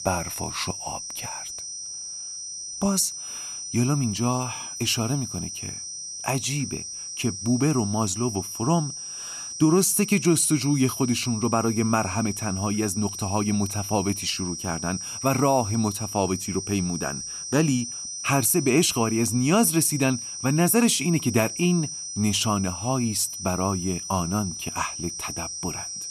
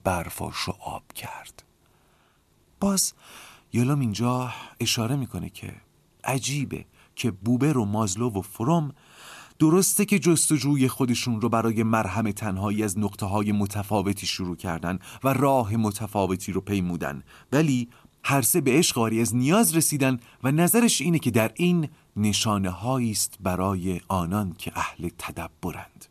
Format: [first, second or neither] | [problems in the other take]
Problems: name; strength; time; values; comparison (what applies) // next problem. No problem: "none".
second | high-pitched whine; loud; throughout; 6 kHz, 7 dB below the speech